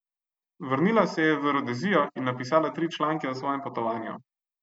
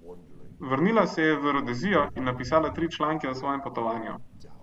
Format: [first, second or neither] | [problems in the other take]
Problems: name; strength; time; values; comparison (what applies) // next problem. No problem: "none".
first | background sound (Crow); 17 dB below the speech